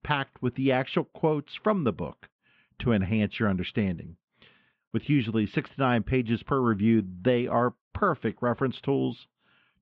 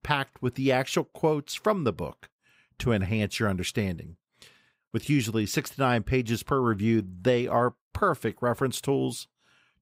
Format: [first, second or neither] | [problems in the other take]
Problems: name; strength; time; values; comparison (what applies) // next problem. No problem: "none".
second | muffled; very; fading above 3.5 kHz